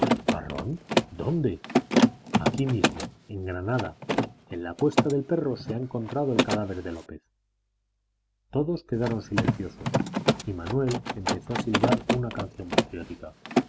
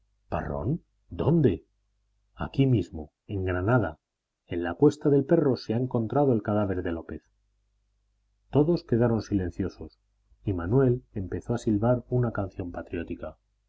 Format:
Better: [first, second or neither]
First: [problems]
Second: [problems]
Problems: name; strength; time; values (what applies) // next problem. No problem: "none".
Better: second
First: background sound (Mechanisms); 2 dB above the speech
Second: none